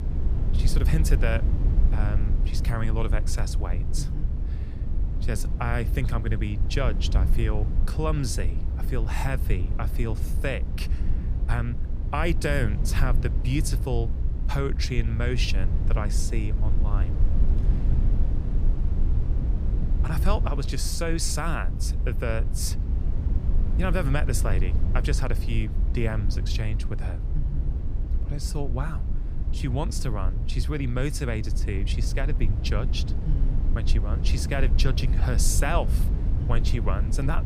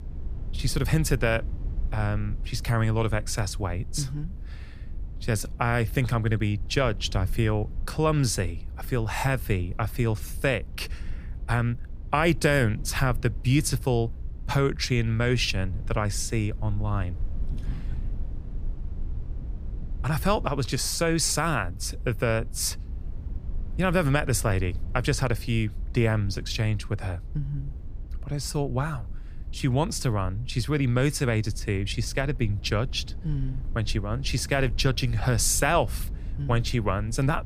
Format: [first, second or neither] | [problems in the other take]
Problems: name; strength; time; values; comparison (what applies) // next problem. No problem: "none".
second | low rumble; loud; throughout; 10 dB below the speech; faint in the second